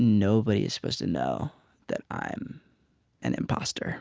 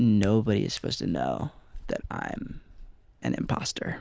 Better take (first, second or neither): first